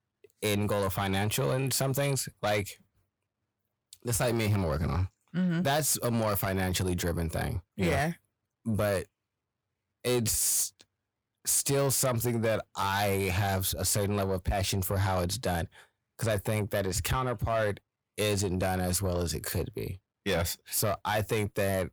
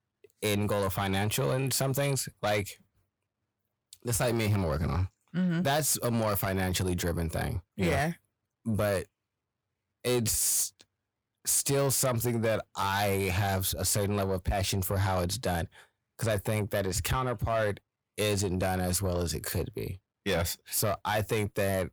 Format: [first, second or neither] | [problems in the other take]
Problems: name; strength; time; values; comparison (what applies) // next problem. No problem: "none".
neither | distortion; slight; 10 dB below the speech; the same in both